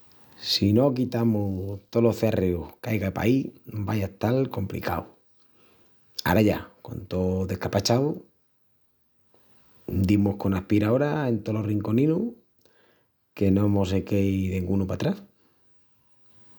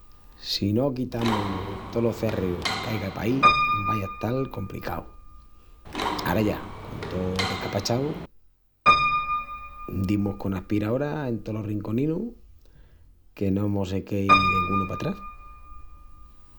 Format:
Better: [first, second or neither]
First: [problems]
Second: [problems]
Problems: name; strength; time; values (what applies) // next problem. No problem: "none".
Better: first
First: none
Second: background sound (Mechanisms + Piano); as loud as the speech